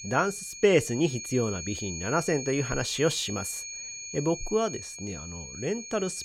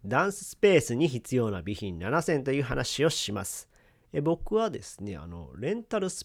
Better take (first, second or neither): second